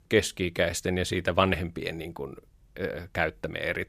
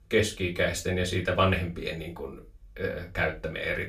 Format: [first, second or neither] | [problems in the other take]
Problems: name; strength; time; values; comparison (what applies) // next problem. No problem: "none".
first | off-mic speech; far // room echo; very slight; dies away in 0.2 s